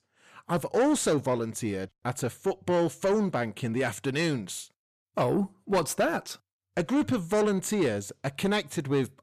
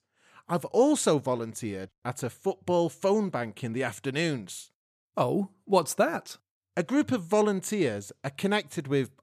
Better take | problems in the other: second | distortion; slight; 10 dB below the speech

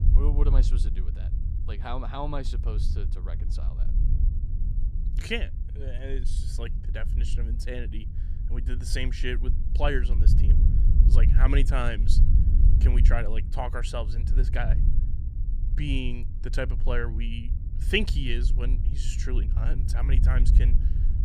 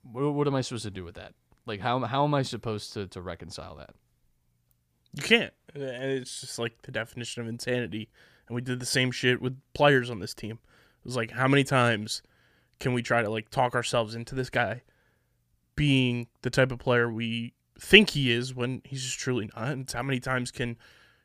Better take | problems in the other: second | low rumble; noticeable; throughout; 10 dB below the speech

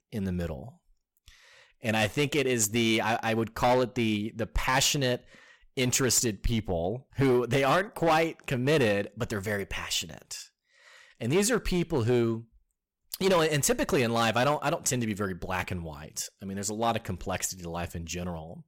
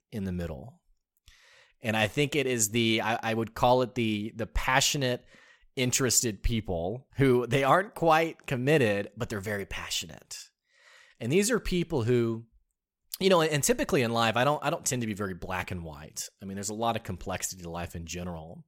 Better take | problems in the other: second | distortion; slight; 5% of the sound clipped

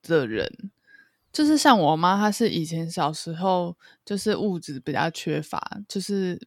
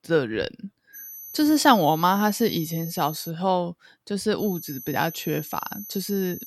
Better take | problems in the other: first | high-pitched whine; noticeable; from 1 to 3.5 s and from 4.5 s on; 12 kHz, 15 dB below the speech

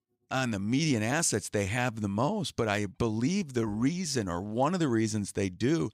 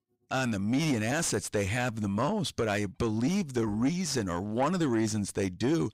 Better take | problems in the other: first | distortion; slight; 10 dB below the speech

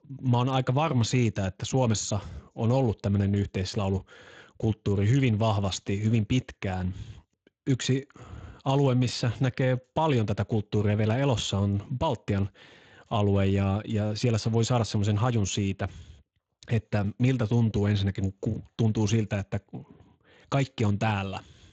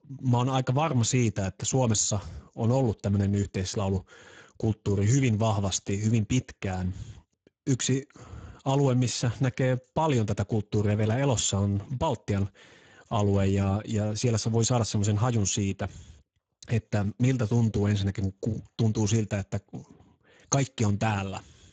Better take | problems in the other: first | garbled, watery; badly; nothing above 7.5 kHz; slightly in the first

